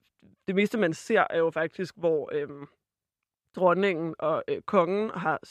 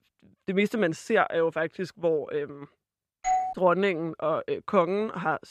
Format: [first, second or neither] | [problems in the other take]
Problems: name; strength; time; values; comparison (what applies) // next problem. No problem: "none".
first | doorbell; noticeable; at 3 s; peak 1 dB below the speech